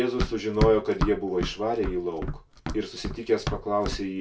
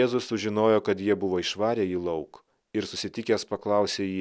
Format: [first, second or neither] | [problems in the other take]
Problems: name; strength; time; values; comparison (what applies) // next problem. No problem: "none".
second | background sound (Run); 5 dB below the speech // room echo; dies away in 0.2 s